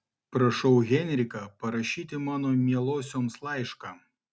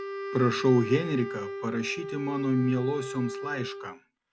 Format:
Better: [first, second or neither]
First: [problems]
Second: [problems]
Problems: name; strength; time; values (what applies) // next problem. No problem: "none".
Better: first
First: none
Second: background sound (Wind instrument, woodwind instrument); 8 dB below the speech